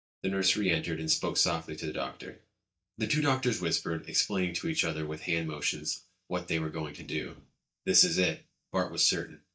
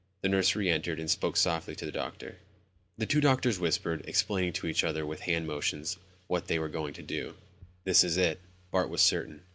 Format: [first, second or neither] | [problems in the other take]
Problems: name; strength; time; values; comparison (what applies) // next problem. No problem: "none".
second | noise reduction (neural mask model DeepFilterNet 3)